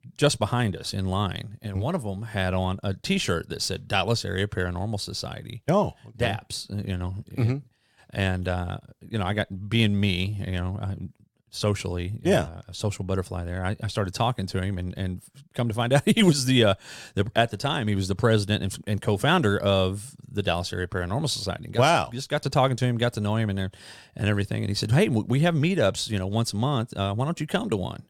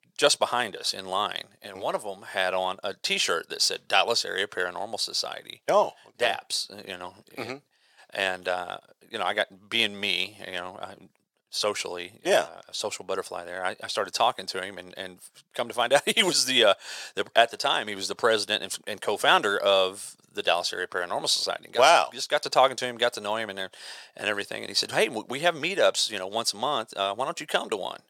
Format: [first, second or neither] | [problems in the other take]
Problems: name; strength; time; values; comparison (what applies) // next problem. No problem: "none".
first | thin; very; fading below 600 Hz